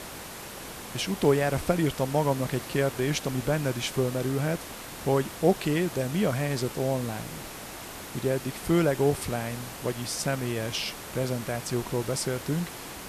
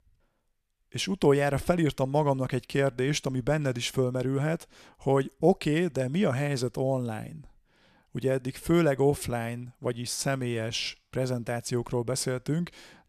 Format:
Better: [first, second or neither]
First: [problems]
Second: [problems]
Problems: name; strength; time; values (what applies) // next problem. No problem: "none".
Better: second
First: hiss; noticeable; throughout; 10 dB below the speech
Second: none